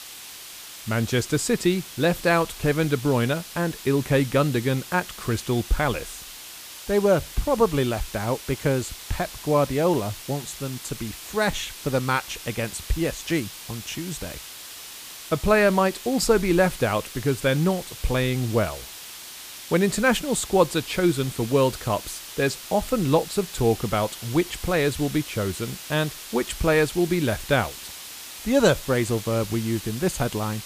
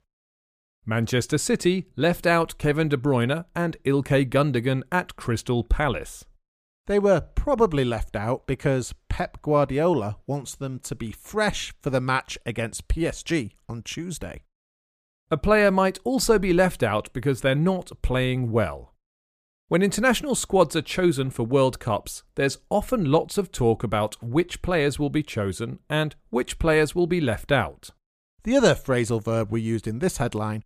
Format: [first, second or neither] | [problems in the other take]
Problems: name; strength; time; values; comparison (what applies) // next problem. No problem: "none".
second | hiss; noticeable; throughout; 15 dB below the speech